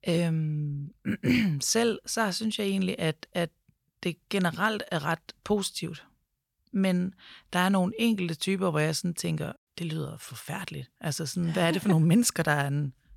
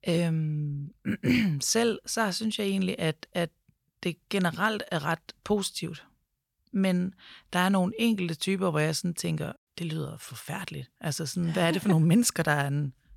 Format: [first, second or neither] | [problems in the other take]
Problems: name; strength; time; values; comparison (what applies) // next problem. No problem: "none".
neither | none